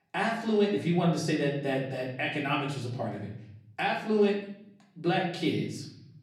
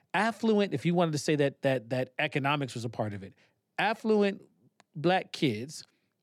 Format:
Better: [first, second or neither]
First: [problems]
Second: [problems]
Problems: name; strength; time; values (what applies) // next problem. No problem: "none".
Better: second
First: off-mic speech; far // room echo; noticeable; dies away in 0.7 s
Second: none